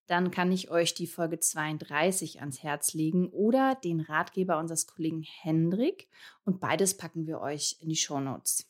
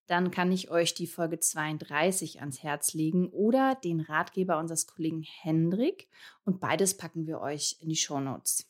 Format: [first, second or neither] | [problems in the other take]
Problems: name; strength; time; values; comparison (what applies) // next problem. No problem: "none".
neither | none